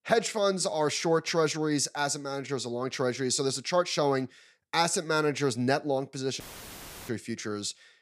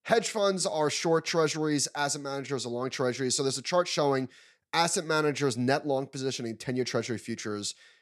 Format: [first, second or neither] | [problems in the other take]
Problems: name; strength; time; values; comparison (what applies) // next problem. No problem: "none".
second | audio cutting out; filled with static; at 6.5 s for 0.5 s